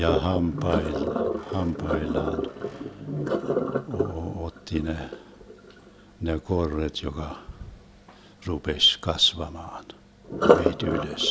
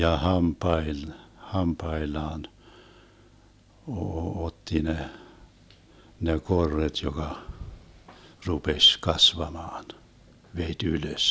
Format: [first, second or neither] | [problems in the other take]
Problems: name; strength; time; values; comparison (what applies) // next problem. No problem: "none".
second | background sound (Sink (filling or washing)); as loud as the speech